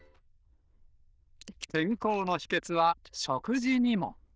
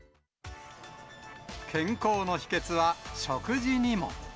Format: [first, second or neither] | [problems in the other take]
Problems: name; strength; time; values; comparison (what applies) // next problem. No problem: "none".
second | noise reduction (neural diffusion model UNIVERSE++)